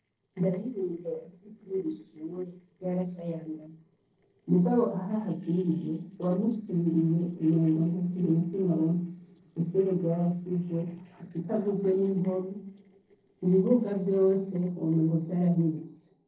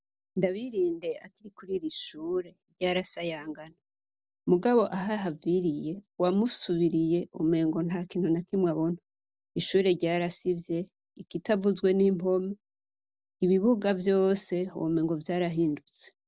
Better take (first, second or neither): second